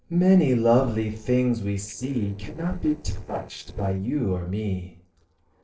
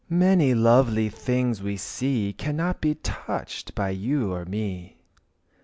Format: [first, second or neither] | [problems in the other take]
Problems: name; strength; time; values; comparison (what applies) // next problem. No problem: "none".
second | noise reduction (neural separator model SepFormer DNS4)